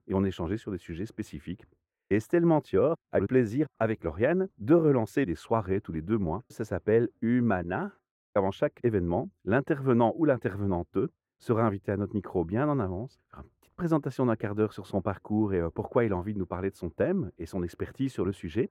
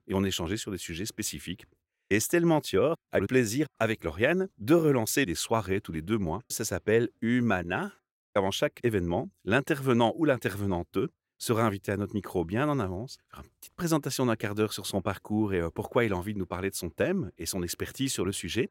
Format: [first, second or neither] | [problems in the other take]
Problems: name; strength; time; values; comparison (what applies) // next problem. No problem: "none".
second | muffled; very; fading above 2.5 kHz